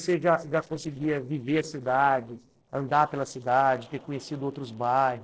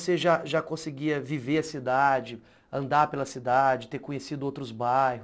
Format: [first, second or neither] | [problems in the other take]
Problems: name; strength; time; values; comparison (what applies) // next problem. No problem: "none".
second | noise reduction (neural separator model SepFormer DNS4)